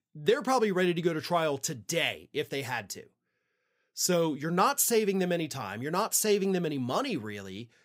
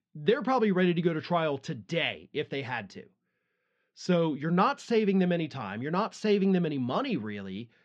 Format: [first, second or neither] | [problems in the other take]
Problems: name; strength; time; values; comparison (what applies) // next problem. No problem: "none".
first | muffled; slightly; fading above 4 kHz